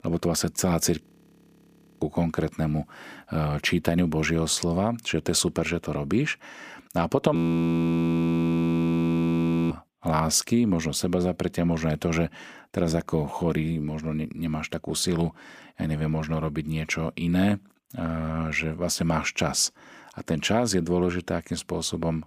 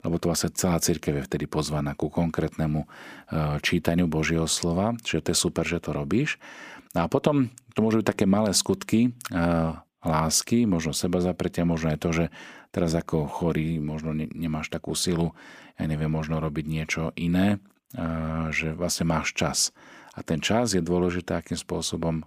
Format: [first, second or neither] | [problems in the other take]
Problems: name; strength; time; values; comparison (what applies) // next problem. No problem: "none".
second | audio freezing; at 1 s for 1 s and at 7.5 s for 2.5 s